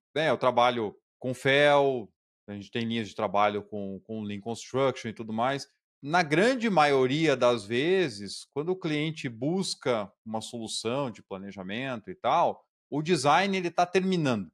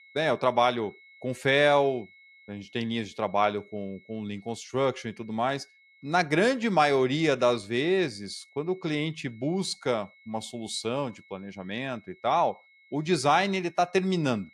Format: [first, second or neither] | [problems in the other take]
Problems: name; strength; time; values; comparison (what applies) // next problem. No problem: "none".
first | high-pitched whine; faint; throughout; 2 kHz, 30 dB below the speech